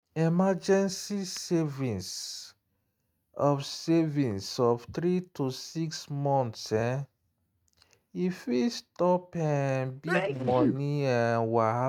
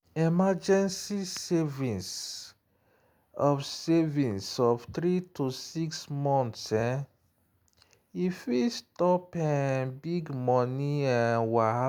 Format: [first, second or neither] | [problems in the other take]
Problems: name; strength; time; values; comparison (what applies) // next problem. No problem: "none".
second | noise reduction (neural mask model RNNoise)